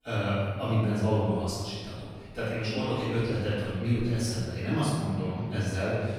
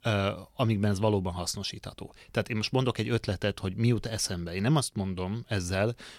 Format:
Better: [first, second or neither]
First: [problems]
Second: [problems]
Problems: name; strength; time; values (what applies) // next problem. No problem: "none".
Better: second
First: off-mic speech; far // room echo; strong; dies away in 1.6 s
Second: none